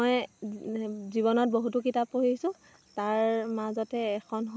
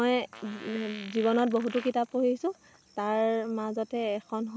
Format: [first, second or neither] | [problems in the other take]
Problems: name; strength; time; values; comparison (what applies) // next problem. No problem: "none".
first | background sound (Fart); 18 dB below the speech